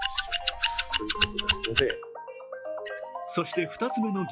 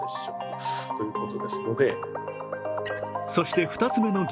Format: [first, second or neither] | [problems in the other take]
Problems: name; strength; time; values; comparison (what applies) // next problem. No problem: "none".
second | noise reduction (classical method log-MMSE)